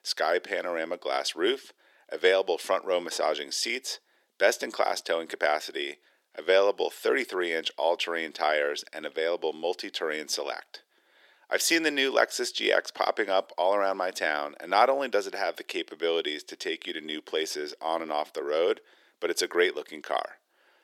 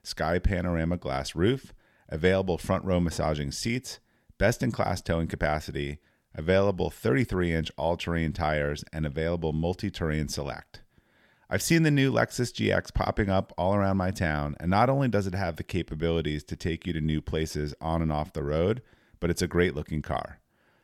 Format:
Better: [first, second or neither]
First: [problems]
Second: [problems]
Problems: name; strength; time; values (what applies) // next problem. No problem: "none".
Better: second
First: thin; very; fading below 350 Hz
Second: none